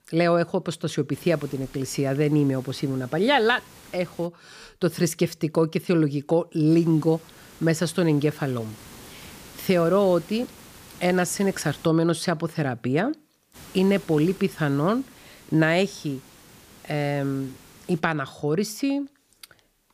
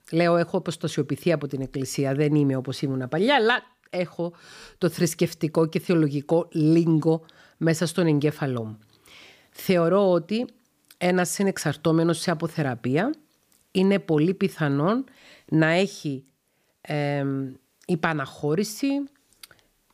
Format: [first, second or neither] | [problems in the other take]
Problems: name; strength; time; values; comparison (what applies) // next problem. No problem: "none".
second | hiss; faint; from 1 to 4.5 s, from 6.5 to 12 s and from 14 to 18 s; 20 dB below the speech